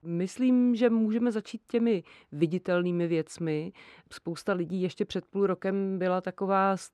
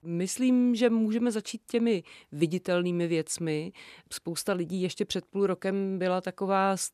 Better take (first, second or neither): second